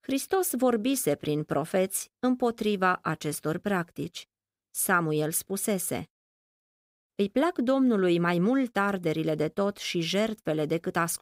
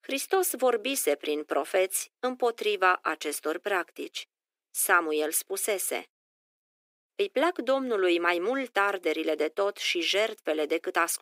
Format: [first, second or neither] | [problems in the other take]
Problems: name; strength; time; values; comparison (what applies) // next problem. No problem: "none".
first | thin; somewhat; fading below 300 Hz